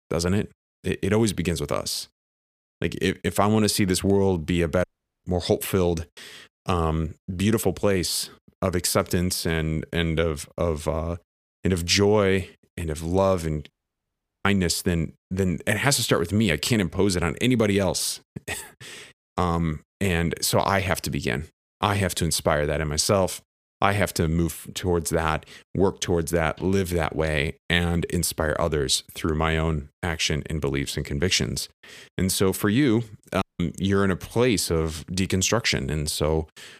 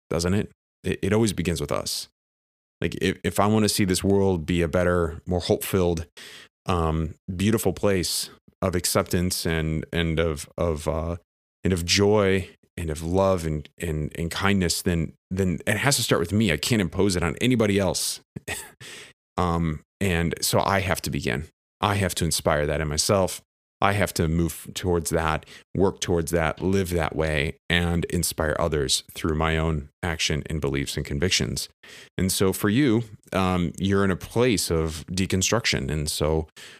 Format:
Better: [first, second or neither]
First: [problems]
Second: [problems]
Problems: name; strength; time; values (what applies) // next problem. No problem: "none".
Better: second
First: audio cutting out; at 5 s, at 14 s for 0.5 s and at 33 s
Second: none